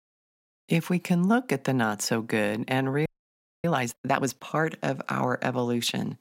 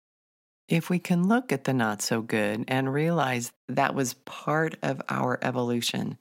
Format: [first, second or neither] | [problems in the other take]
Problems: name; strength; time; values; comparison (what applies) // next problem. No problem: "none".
second | audio freezing; at 3 s for 0.5 s